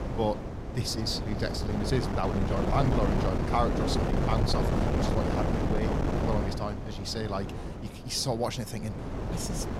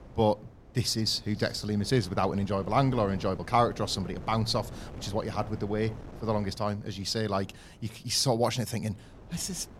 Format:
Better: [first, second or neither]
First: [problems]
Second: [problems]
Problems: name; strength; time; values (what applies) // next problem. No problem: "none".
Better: second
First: wind noise on the microphone; heavy; 1 dB below the speech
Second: wind noise on the microphone; occasional gusts; 20 dB below the speech